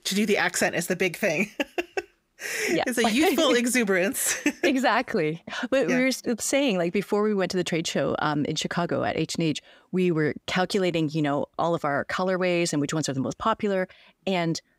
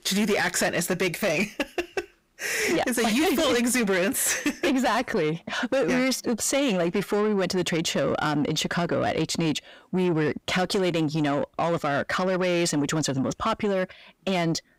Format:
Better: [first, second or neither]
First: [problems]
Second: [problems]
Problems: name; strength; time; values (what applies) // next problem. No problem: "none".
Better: first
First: none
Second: distortion; slight; 10 dB below the speech